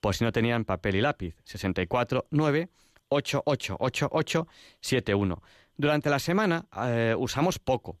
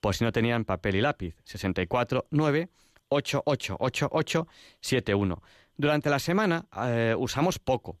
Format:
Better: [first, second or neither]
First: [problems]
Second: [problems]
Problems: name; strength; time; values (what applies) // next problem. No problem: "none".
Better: neither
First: none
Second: none